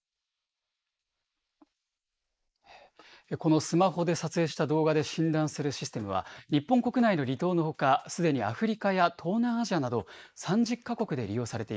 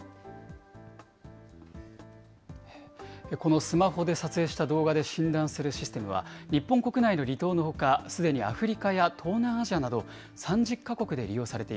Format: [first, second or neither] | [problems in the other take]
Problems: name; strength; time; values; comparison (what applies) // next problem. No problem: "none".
second | noise reduction (neural mask model Resemble Enhance denoiser)